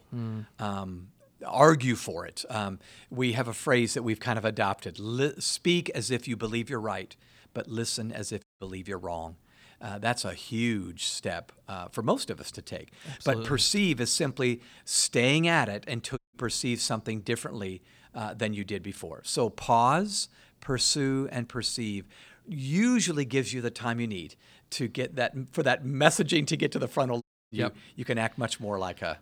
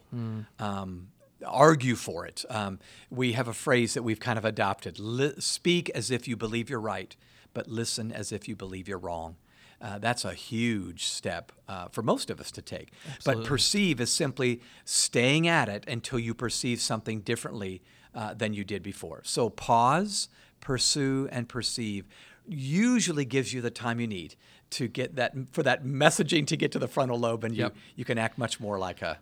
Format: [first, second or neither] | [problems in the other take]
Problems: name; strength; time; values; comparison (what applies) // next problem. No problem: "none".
second | audio cutting out; at 8.5 s, at 16 s and at 27 s